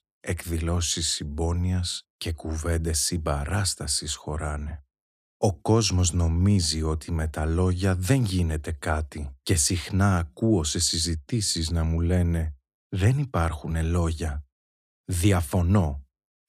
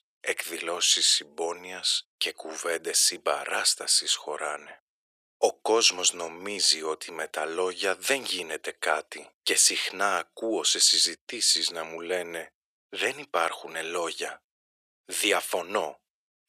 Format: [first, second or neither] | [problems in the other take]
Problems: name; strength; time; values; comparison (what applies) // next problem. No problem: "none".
first | thin; very; fading below 450 Hz